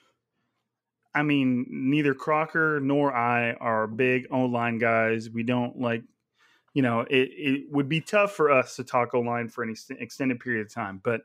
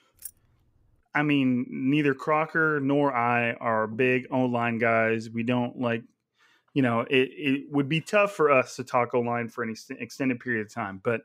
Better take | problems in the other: first | jangling keys; faint; at the start; peak 15 dB below the speech

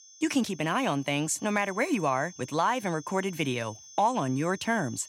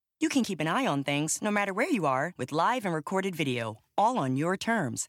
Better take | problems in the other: second | high-pitched whine; noticeable; throughout; 6.5 kHz, 20 dB below the speech

